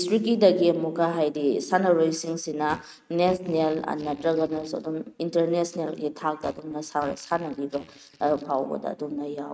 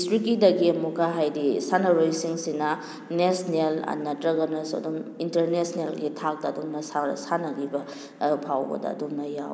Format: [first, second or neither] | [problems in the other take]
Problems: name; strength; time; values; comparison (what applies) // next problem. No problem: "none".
second | noise reduction (neural mask model RNNoise)